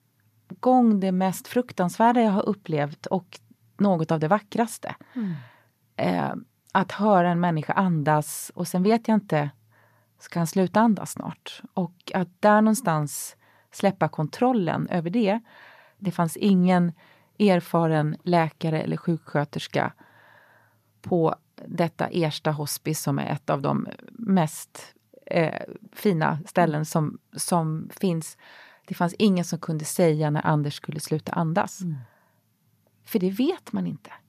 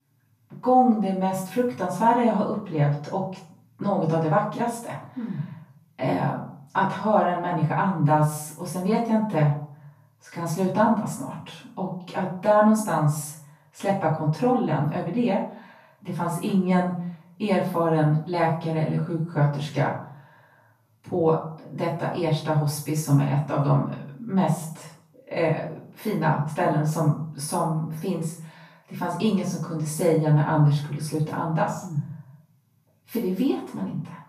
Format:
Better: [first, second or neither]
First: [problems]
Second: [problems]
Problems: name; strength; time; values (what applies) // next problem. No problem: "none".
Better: first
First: none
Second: off-mic speech; far // room echo; noticeable; dies away in 0.5 s